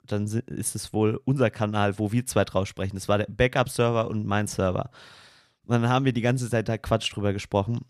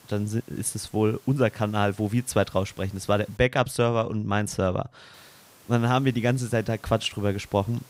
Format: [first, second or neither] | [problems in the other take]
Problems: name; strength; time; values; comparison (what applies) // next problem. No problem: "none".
first | hiss; faint; until 3.5 s and from 5 s on; 25 dB below the speech